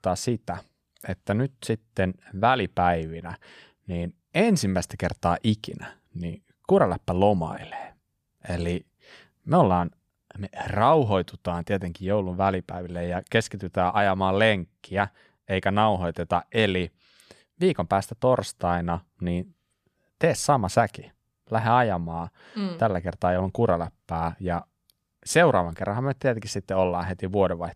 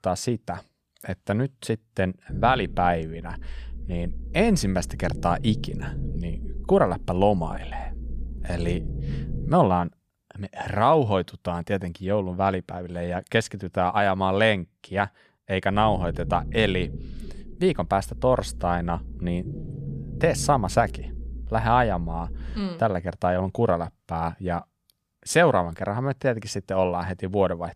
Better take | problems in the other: first | low rumble; faint; from 2.5 to 9.5 s and from 16 to 23 s; 20 dB below the speech

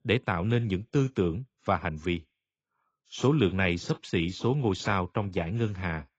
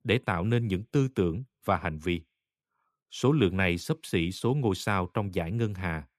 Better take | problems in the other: second | garbled, watery; badly; nothing above 7.5 kHz

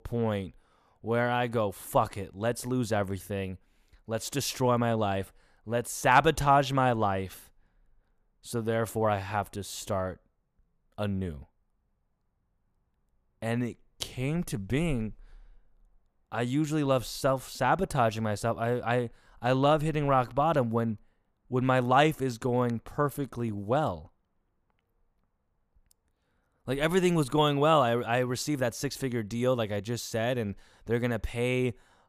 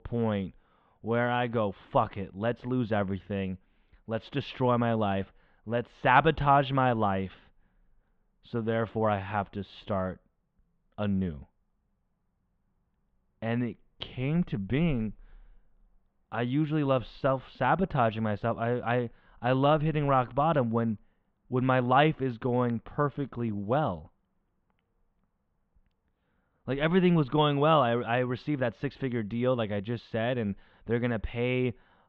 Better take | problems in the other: first | muffled; very; fading above 3.5 kHz

